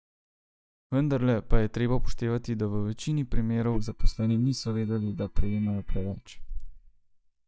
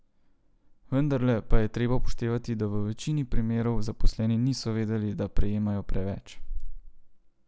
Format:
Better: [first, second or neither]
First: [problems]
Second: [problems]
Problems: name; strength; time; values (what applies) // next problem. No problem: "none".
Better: second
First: noise reduction (neural mask model DeepFilterNet 3)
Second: none